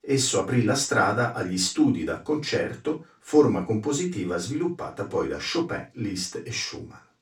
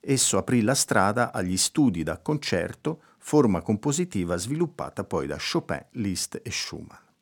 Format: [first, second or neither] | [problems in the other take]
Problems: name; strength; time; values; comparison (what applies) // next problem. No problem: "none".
second | room echo; slight; dies away in 0.2 s // off-mic speech; far